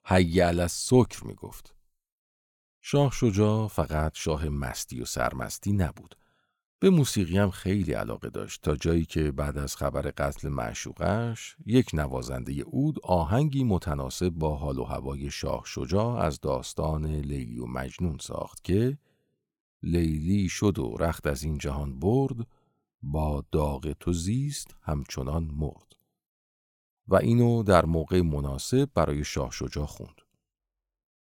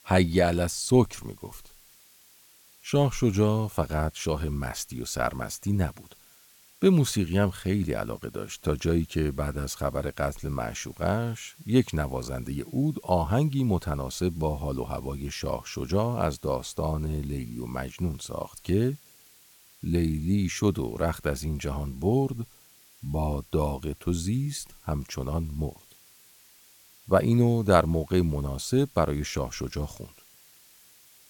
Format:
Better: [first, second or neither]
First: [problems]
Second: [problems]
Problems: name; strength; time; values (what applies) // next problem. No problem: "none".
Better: first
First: none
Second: hiss; faint; throughout; 25 dB below the speech